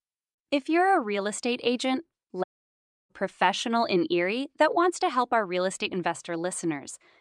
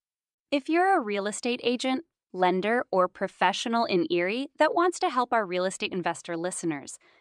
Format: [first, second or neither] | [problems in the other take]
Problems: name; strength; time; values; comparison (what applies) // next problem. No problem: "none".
second | audio cutting out; at 2.5 s for 0.5 s